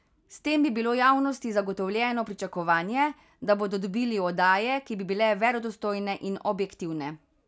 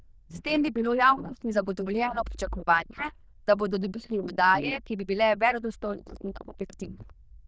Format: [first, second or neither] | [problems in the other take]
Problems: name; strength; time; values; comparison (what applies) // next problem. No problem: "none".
first | noise reduction (neural diffusion model UNIVERSE++)